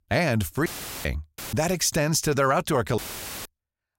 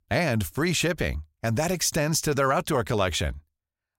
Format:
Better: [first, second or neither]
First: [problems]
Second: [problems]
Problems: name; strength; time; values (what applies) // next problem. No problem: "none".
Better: second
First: audio cutting out; filled with static; at 0.5 s, at 1.5 s and at 3 s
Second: none